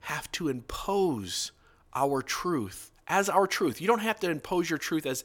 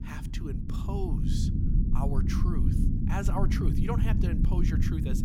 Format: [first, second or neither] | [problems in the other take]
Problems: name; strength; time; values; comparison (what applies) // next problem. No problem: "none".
first | low rumble; loud; throughout; 1 dB below the speech